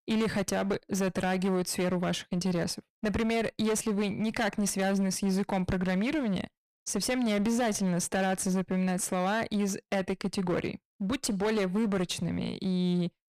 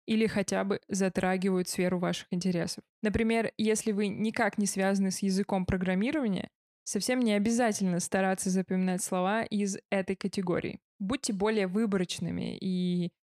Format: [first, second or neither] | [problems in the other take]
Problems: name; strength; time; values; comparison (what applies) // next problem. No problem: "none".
second | distortion; slight; 23% of the sound clipped